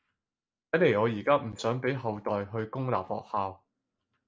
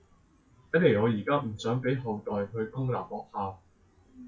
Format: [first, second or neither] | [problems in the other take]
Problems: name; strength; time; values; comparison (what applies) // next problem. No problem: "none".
first | noise reduction (classical method WPE with log-MMSE)